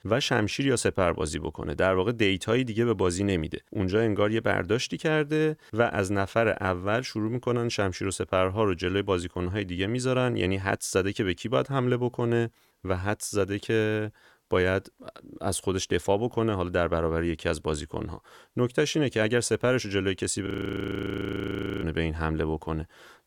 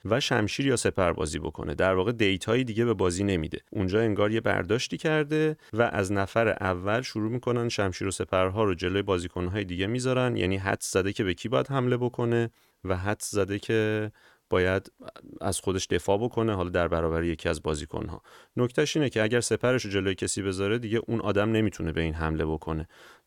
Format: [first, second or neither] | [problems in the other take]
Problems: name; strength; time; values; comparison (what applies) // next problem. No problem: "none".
second | audio freezing; at 20 s for 1.5 s